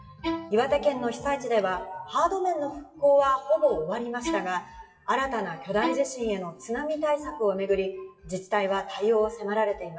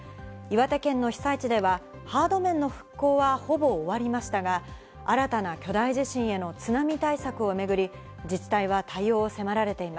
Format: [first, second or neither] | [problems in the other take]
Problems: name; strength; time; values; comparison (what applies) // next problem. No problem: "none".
second | noise reduction (classical method WPE with log-MMSE)